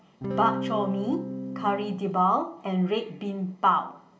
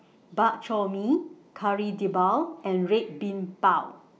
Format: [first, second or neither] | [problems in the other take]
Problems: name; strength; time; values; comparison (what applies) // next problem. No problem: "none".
second | background sound (Electric guitar / Strum); 5 dB below the speech // room echo; dies away in 0.5 s